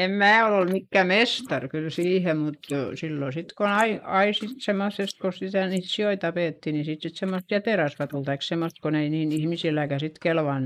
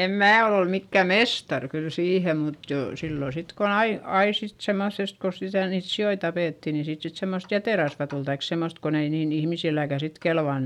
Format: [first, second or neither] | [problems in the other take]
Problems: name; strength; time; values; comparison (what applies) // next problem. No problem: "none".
second | noise reduction (neural mask model Resemble Enhance denoiser)